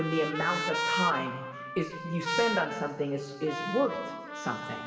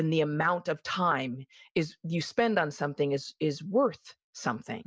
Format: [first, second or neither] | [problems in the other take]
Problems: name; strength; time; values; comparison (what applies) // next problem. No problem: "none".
second | background sound (Trumpet); 3 dB below the speech // room echo; dies away in 1.4 s